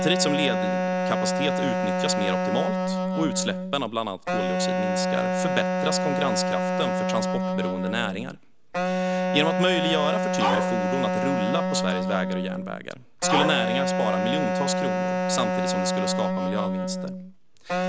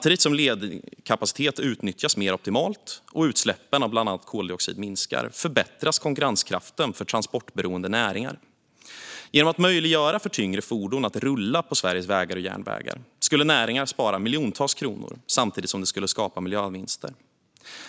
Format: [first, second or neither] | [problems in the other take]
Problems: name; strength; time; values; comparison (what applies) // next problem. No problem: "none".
second | background sound (Dog + Wind instrument, woodwind instrument); 4 dB above the speech